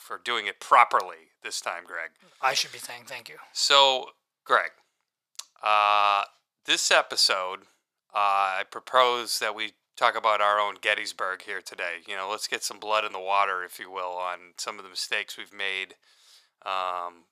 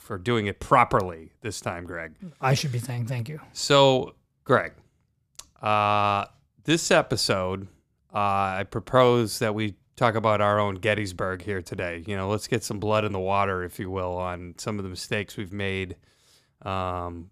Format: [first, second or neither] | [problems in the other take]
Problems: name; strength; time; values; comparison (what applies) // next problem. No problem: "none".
second | thin; very; fading below 900 Hz